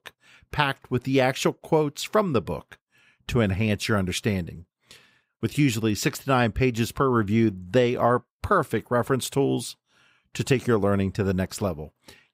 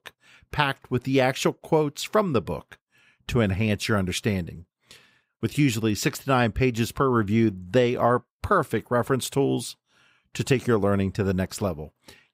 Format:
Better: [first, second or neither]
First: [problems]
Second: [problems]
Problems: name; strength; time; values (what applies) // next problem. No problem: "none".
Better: neither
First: none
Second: none